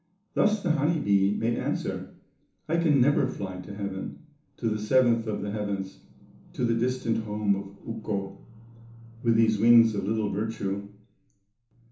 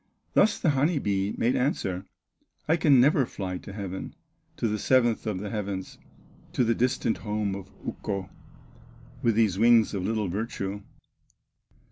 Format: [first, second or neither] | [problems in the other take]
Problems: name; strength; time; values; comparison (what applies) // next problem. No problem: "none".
second | room echo; dies away in 0.8 s